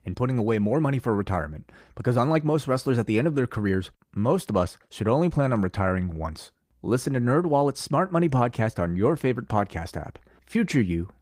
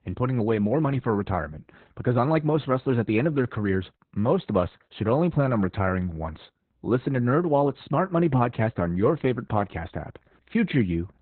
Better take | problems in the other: first | garbled, watery; badly; nothing above 4 kHz; slightly in the first

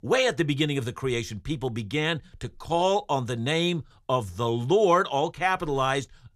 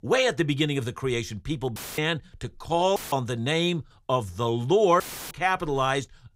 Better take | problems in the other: first | audio cutting out; filled with static; at 2 s, at 3 s and at 5 s

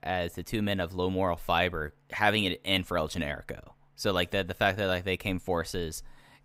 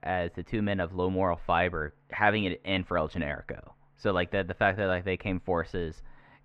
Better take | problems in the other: first | muffled; very; fading above 2 kHz

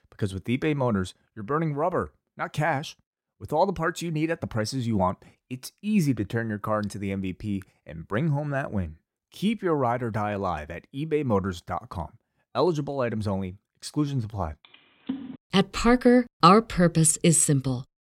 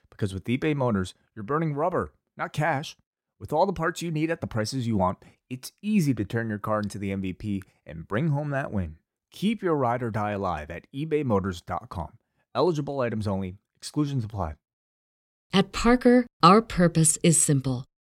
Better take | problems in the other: second | phone ringing; faint; at 15 s; peak 10 dB below the speech

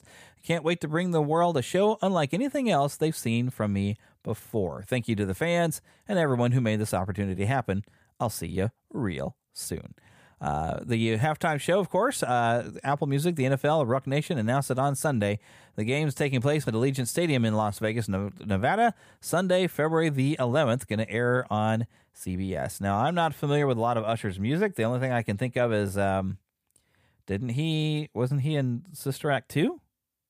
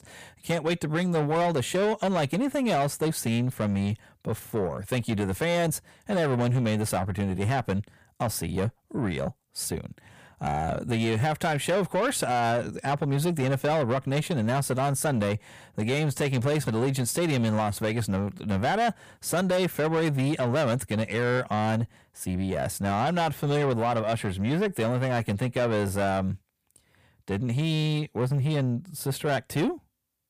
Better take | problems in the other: first | distortion; slight; 10 dB below the speech

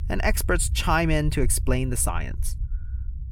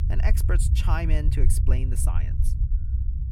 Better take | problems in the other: first | low rumble; loud; throughout; 8 dB below the speech; faint in the first

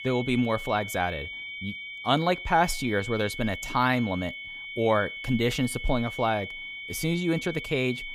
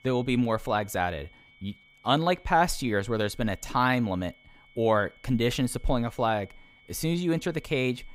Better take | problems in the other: second | high-pitched whine; loud; throughout; 2 kHz, 9 dB below the speech; faint in the second

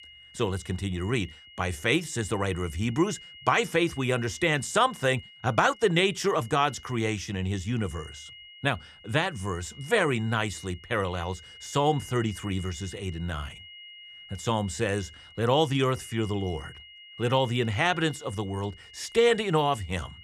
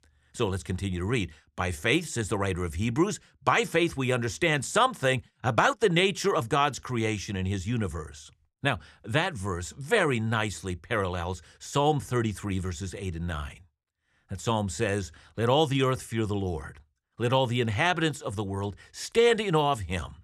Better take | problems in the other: second | high-pitched whine; noticeable; throughout; 3 kHz, 20 dB below the speech

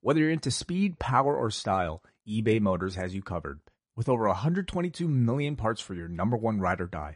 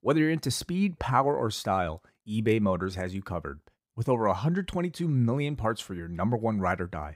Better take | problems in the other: second | garbled, watery; slightly; nothing above 10.5 kHz

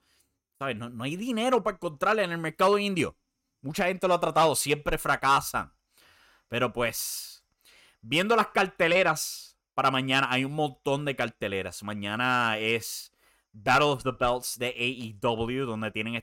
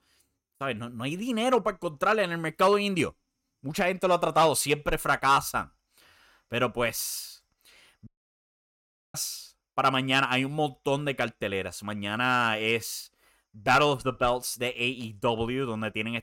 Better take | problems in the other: first | audio cutting out; at 8 s for 1 s

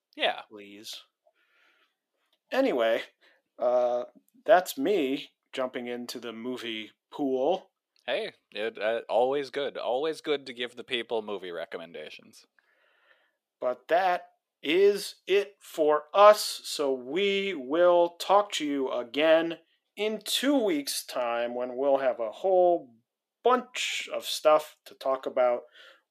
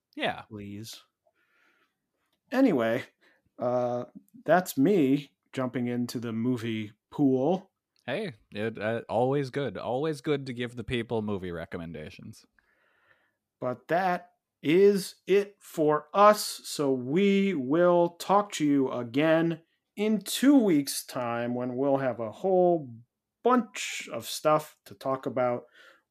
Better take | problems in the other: second | thin; somewhat; fading below 450 Hz

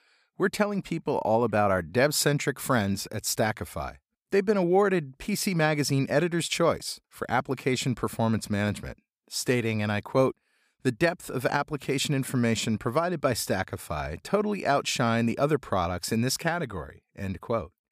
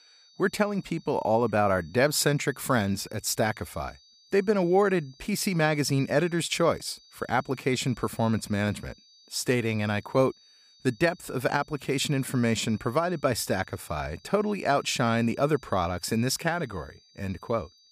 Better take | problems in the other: first | high-pitched whine; faint; throughout; 4.5 kHz, 30 dB below the speech

